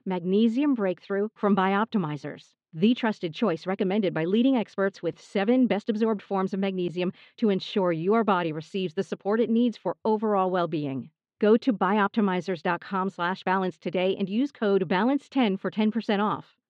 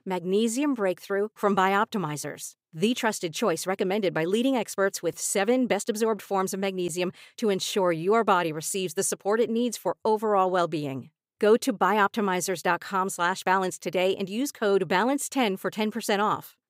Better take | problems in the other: second | muffled; slightly; fading above 3.5 kHz

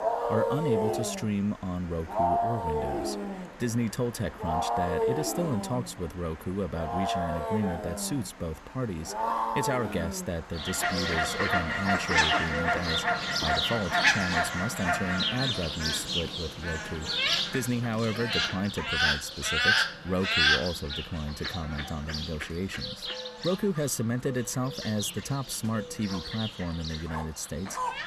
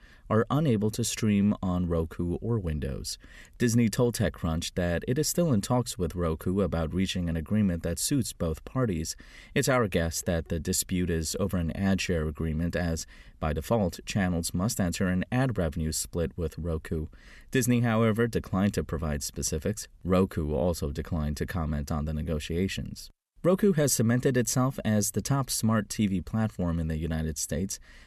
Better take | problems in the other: second | animal sounds; very loud; throughout; 4 dB above the speech

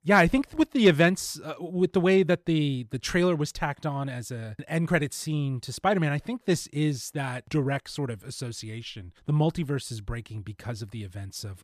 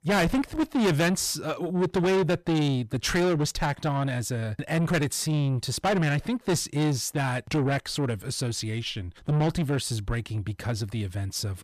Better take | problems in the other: first | distortion; heavy; 6 dB below the speech

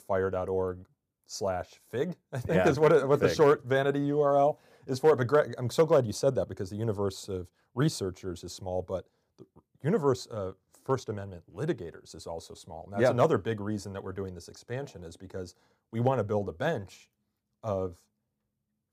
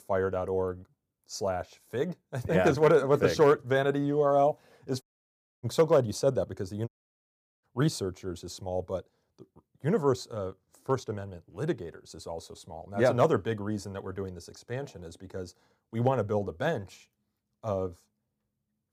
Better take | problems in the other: first | audio cutting out; at 5 s for 0.5 s and at 7 s for 0.5 s

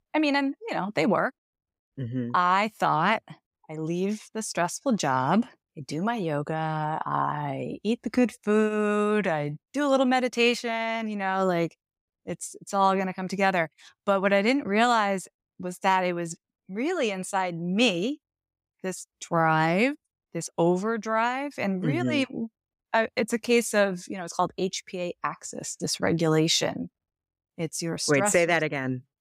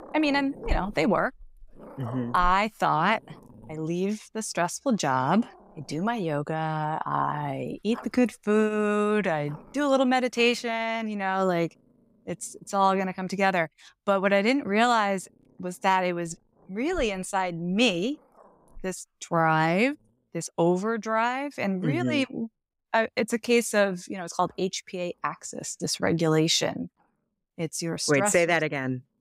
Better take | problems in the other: first | animal sounds; noticeable; throughout; 20 dB below the speech

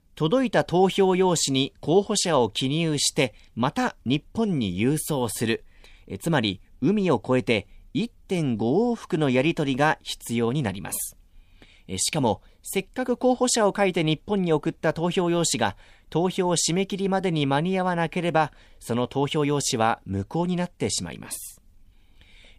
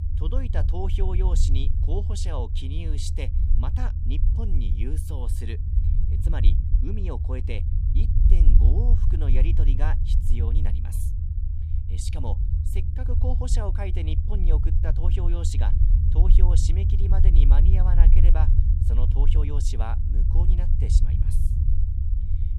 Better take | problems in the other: first | low rumble; loud; throughout; 3 dB below the speech

